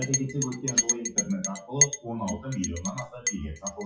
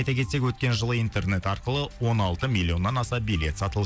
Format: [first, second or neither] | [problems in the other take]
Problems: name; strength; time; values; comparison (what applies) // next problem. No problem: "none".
second | noise reduction (classical method WPE with log-MMSE)